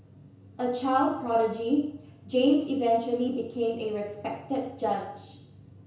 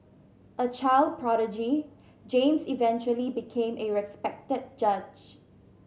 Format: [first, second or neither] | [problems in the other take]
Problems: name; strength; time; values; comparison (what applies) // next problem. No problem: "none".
second | room echo; dies away in 0.5 s